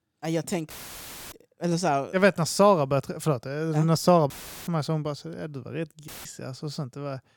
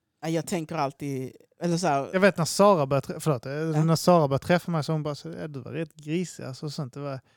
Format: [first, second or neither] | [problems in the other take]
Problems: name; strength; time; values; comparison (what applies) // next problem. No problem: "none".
second | audio cutting out; filled with static; at 0.5 s for 0.5 s, at 4.5 s and at 6 s